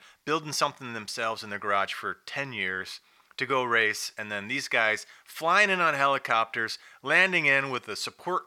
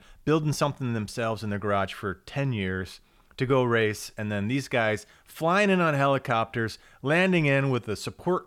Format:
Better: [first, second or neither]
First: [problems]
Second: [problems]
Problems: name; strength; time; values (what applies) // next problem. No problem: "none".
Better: second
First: thin; somewhat; fading below 800 Hz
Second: none